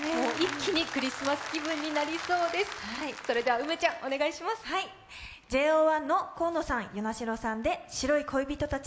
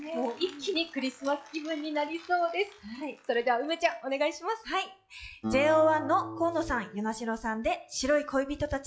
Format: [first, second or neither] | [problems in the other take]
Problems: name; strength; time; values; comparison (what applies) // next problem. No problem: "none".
first | noise reduction (classical method log-MMSE)